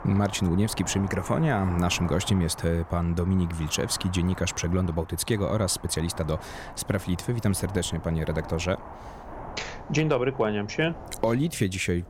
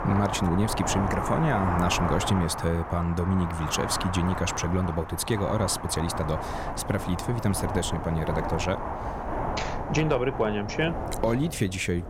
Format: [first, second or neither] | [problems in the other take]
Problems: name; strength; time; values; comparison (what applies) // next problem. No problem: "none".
first | wind noise on the microphone; heavy; 1 dB below the speech; occasional gusts in the first